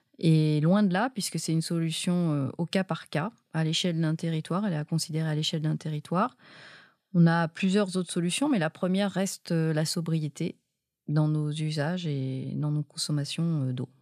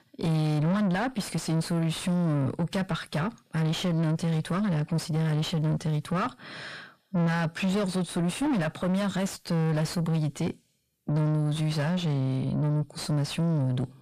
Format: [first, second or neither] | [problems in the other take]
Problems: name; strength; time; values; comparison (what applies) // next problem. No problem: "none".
first | distortion; heavy; 6 dB below the speech